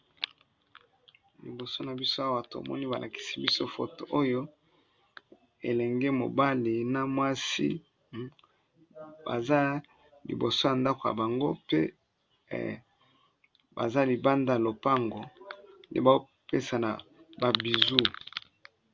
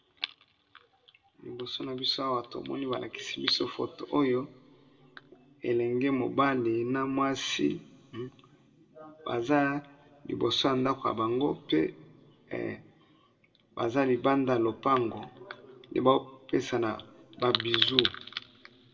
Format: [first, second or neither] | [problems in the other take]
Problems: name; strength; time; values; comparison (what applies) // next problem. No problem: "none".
first | room echo; dies away in 2.2 s